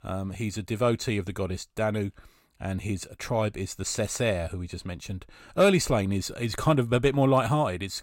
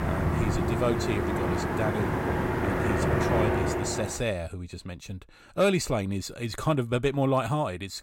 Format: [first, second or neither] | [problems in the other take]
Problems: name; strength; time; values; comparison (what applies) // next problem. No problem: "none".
first | traffic noise; very loud; until 4 s; 2 dB above the speech